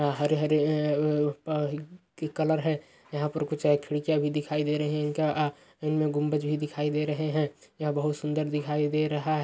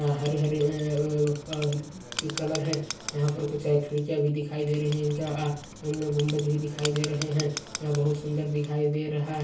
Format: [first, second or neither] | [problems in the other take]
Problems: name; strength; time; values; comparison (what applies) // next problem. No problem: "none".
first | background sound (Writing); 13 dB below the speech // room echo; dies away in 0.4 s